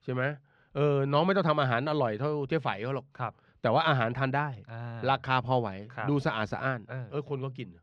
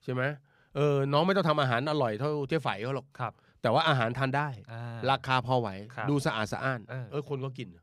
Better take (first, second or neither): second